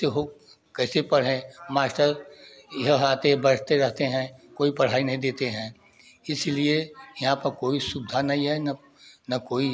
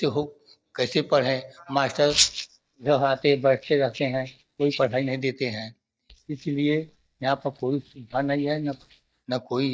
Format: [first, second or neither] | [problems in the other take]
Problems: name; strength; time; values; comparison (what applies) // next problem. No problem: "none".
first | noise reduction (neural mask model DeepFilterNet 3)